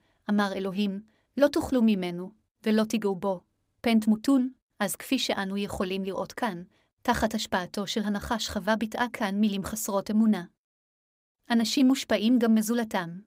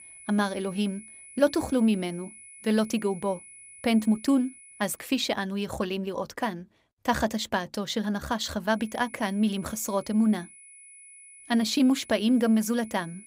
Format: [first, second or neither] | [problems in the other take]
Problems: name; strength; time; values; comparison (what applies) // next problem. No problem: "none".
first | high-pitched whine; noticeable; until 5 s and from 9 s on; 10 kHz, 20 dB below the speech